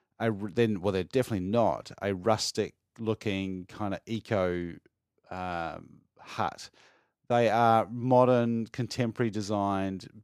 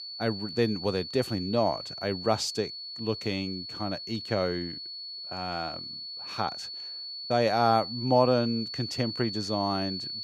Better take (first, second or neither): first